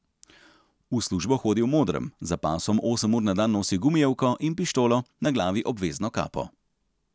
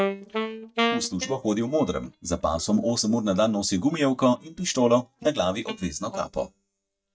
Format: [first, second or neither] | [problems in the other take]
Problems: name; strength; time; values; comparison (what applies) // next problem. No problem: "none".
first | noise reduction (neural mask model DeepFilterNet 3)